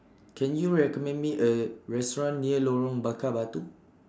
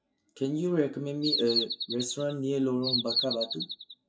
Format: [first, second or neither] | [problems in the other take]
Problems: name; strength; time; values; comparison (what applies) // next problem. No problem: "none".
first | noise reduction (classical method WPE with log-MMSE)